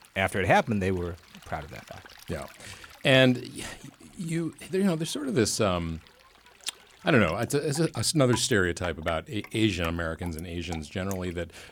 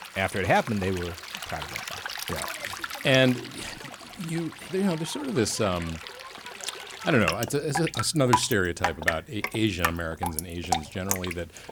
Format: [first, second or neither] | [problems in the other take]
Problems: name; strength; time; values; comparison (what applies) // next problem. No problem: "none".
first | rain or running water; loud; throughout; 6 dB below the speech; faint in the first